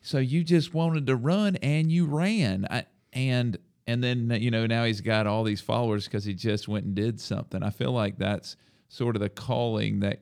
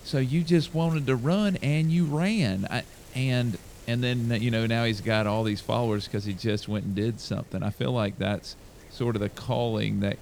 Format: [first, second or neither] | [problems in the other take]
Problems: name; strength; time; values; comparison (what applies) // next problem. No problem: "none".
first | wind noise on the microphone; occasional gusts; 20 dB below the speech